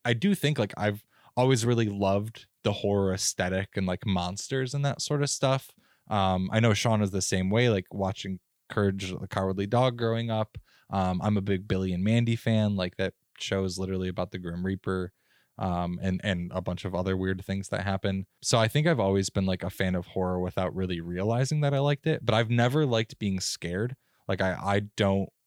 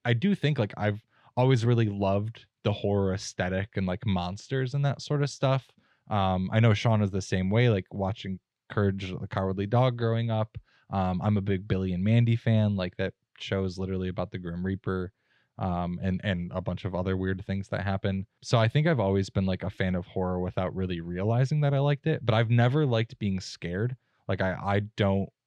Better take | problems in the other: first | muffled; slightly; fading above 3.5 kHz

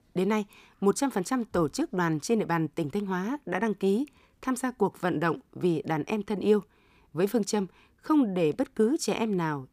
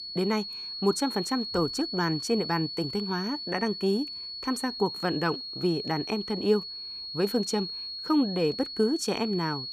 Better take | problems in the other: first | high-pitched whine; loud; throughout; 4.5 kHz, 6 dB below the speech

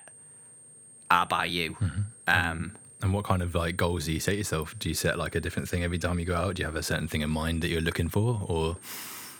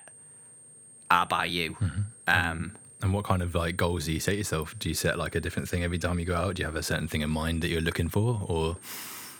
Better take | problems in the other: neither | high-pitched whine; noticeable; throughout; 8.5 kHz, 20 dB below the speech; the same in both

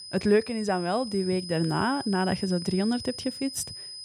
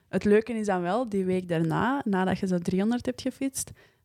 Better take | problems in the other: second | high-pitched whine; loud; throughout; 5 kHz, 10 dB below the speech

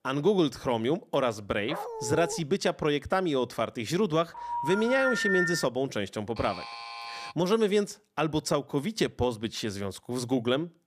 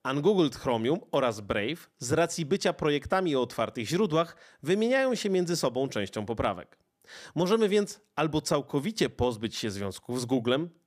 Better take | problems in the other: second | dog barking; noticeable; at 1.5 s; peak 7 dB below the speech // phone ringing; loud; from 4.5 to 5.5 s; peak 2 dB above the speech // alarm; noticeable; at 6.5 s; peak 10 dB below the speech

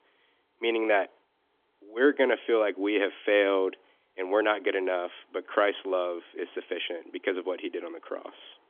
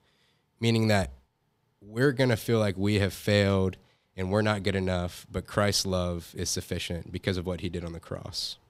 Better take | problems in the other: second | phone-call audio; nothing above 3.5 kHz

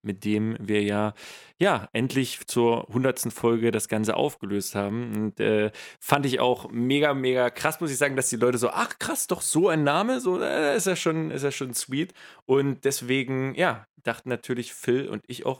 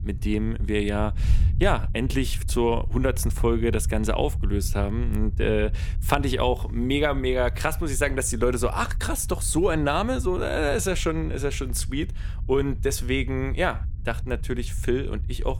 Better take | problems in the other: first | wind noise on the microphone; occasional gusts; 20 dB below the speech

